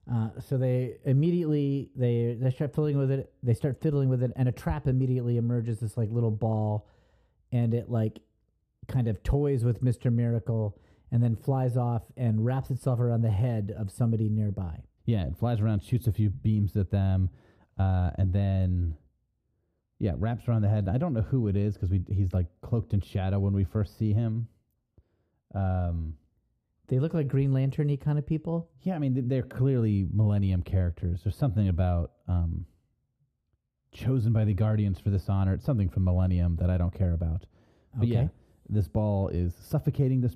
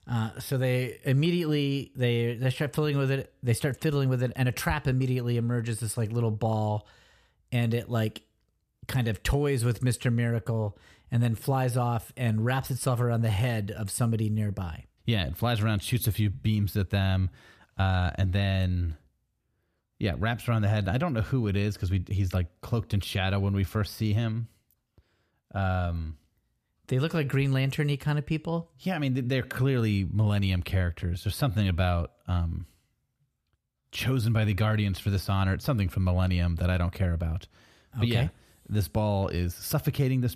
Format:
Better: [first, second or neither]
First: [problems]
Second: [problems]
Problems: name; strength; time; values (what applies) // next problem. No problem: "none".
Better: second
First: muffled; slightly; fading above 1 kHz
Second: none